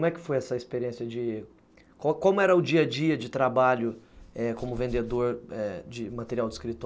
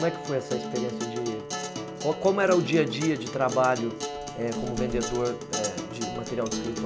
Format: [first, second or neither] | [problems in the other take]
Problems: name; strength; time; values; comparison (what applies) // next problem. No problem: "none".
first | background sound (Acoustic guitar); 6 dB below the speech